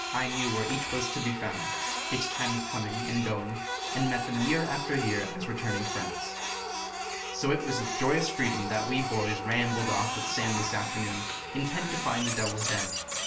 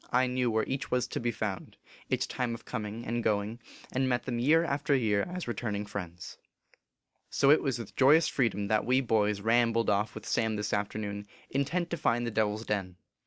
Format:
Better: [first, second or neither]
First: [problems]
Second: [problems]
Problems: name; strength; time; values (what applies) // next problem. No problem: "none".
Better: second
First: background sound (Printer); 2 dB below the speech // room echo; dies away in 0.3 s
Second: none